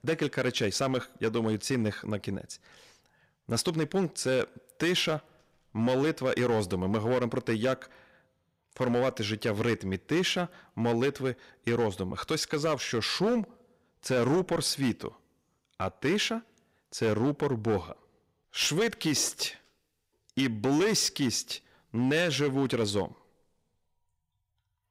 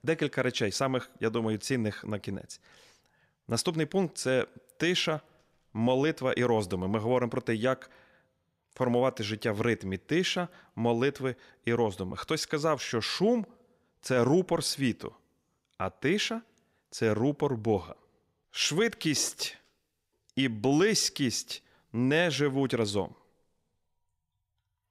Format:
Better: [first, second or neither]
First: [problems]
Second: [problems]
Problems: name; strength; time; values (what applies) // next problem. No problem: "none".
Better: second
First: distortion; slight; 6% of the sound clipped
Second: none